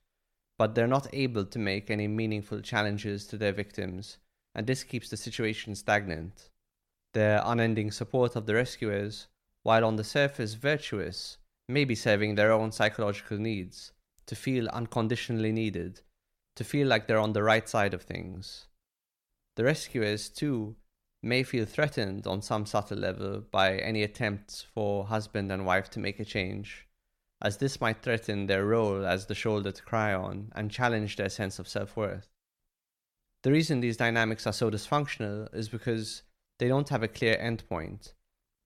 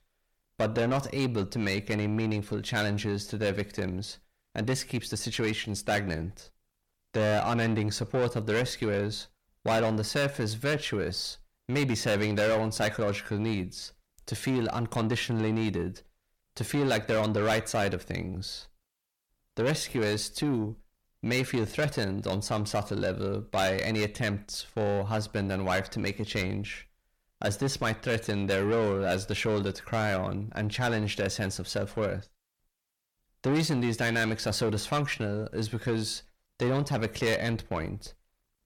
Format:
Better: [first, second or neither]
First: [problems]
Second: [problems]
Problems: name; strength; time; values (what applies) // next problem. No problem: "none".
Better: first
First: none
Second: distortion; heavy; 7 dB below the speech